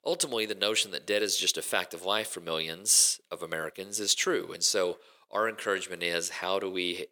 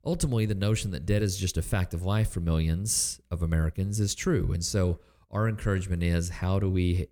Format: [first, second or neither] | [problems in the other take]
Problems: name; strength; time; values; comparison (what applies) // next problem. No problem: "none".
second | thin; very; fading below 400 Hz